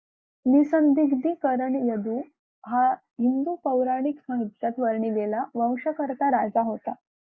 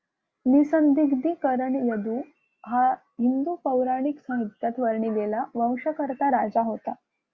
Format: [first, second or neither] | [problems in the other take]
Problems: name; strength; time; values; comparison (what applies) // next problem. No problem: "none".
second | noise reduction (neural mask model Resemble Enhance denoiser)